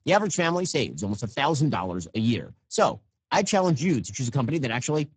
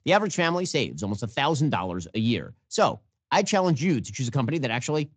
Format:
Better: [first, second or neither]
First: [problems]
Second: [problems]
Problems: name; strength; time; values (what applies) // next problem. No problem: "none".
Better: second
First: garbled, watery; badly; nothing above 7.5 kHz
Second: garbled, watery; slightly; nothing above 7.5 kHz